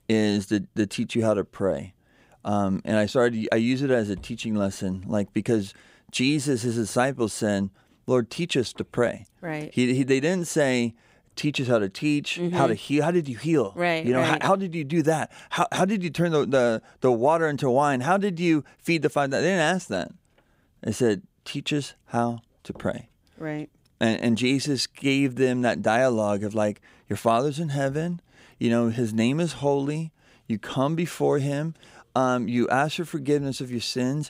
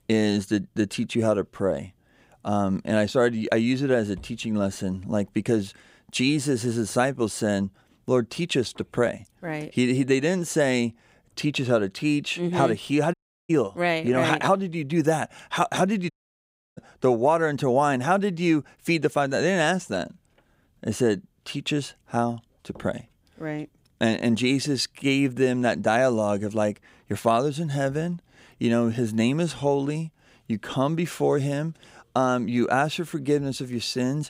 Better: first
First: none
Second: audio cutting out; at 13 s and at 16 s for 0.5 s

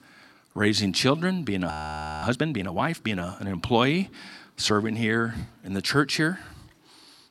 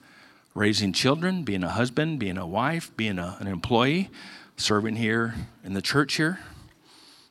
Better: second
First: audio freezing; at 1.5 s for 0.5 s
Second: none

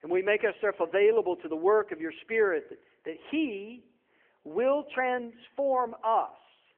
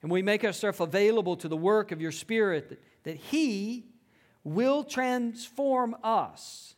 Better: second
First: phone-call audio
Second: none

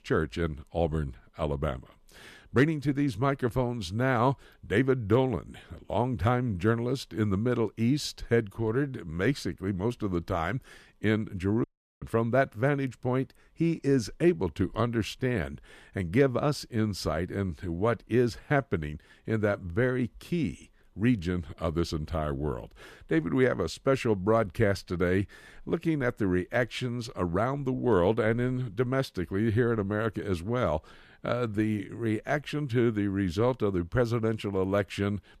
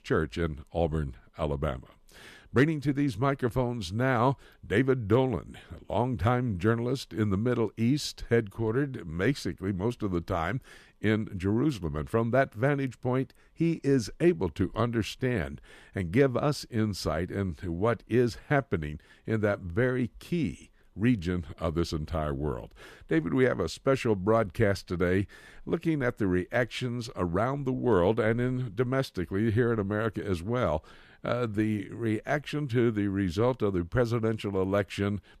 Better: second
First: audio cutting out; at 12 s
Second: none

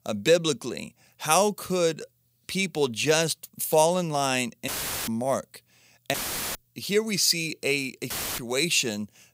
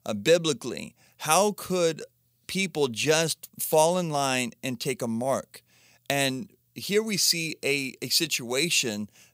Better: second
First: audio cutting out; filled with static; at 4.5 s, at 6 s and at 8 s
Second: none

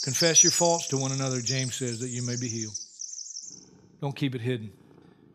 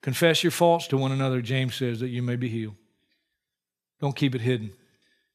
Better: second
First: animal sounds; very loud; throughout; 3 dB above the speech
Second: none

